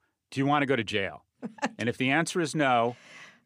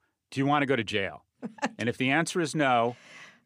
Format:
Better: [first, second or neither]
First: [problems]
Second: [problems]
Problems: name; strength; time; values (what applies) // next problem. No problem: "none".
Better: neither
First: none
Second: none